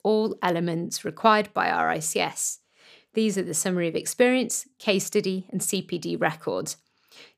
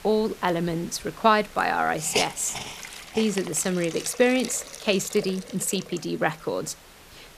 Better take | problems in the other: first | hiss; noticeable; throughout; 10 dB below the speech

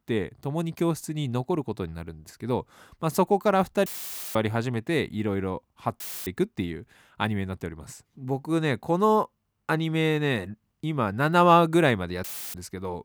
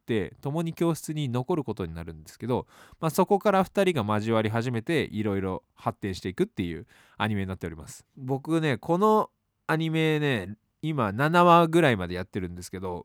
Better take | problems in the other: second | audio cutting out; filled with static; at 4 s, at 6 s and at 12 s

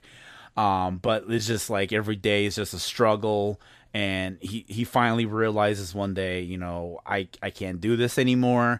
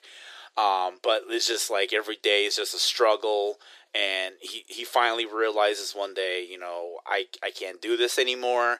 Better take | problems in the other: first | thin; very; fading below 350 Hz

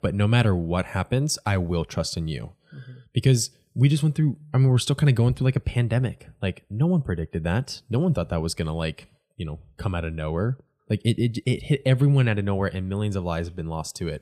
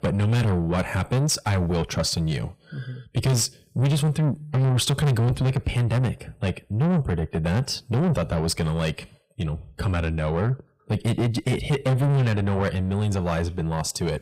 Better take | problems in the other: first | distortion; heavy; 7 dB below the speech

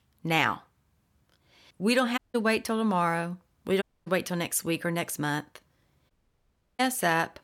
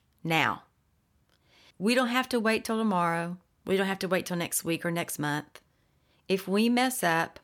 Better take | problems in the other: second | audio cutting out; at 2 s, at 4 s and at 6 s for 0.5 s

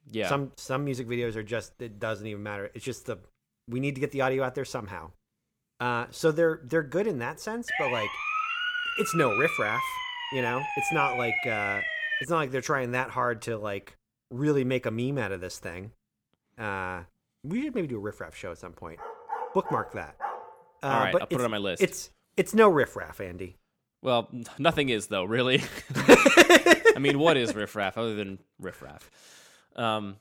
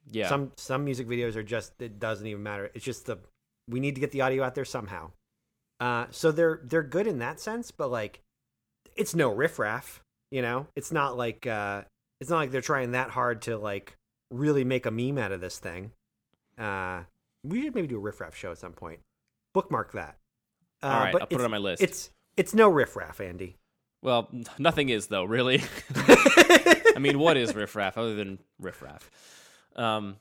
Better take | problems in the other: second | siren; noticeable; from 7.5 to 12 s; peak 2 dB below the speech // dog barking; noticeable; from 19 to 20 s; peak 9 dB below the speech

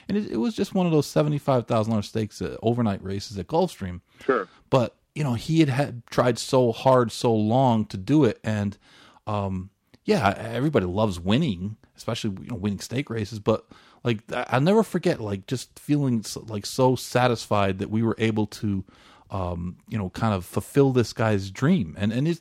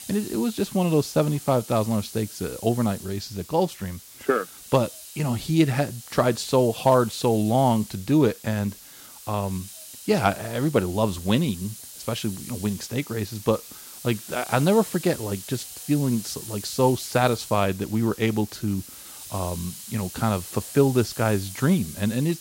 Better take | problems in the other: first | hiss; noticeable; throughout; 15 dB below the speech

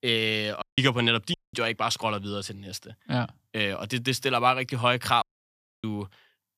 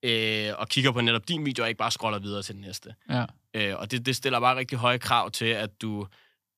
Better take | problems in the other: second | audio cutting out; at 0.5 s, at 1.5 s and at 5 s for 0.5 s

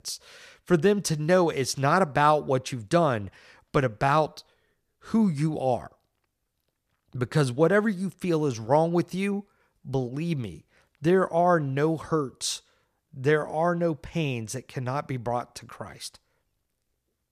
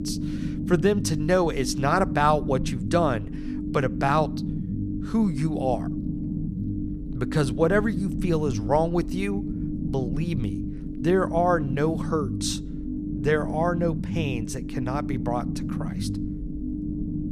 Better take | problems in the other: first | low rumble; noticeable; throughout; 10 dB below the speech

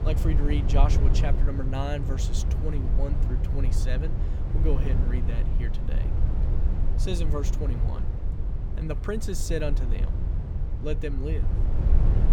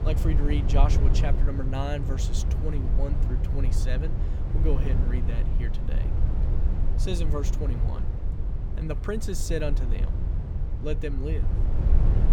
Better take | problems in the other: neither | low rumble; loud; throughout; 5 dB below the speech; the same in both

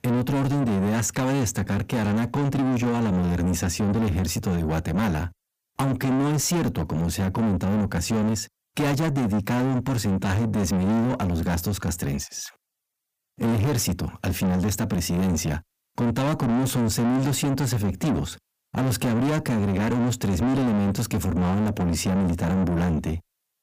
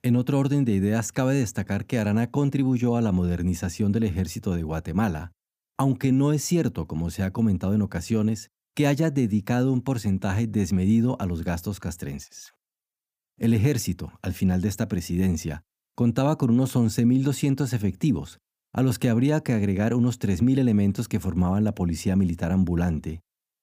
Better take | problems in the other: second | distortion; heavy; 6 dB below the speech

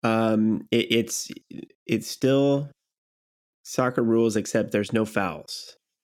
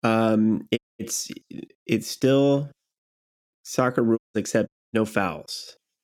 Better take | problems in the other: first | audio cutting out; at 1 s, at 4 s and at 4.5 s

